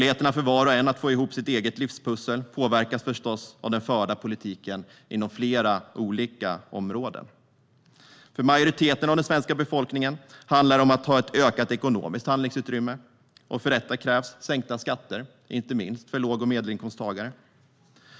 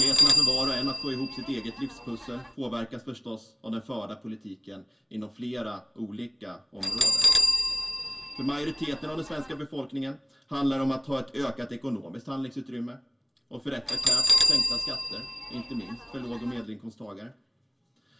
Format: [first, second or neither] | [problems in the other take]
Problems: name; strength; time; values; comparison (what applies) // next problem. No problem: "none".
first | background sound (Bell); 4 dB above the speech // room echo; dies away in 0.2 s